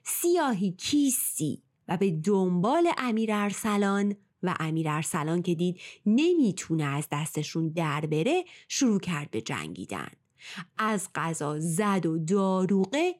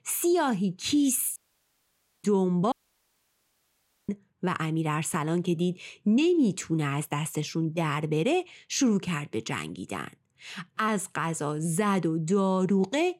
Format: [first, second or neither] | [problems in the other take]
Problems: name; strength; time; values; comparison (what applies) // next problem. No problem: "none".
first | audio cutting out; at 1.5 s for 1 s and at 2.5 s for 1.5 s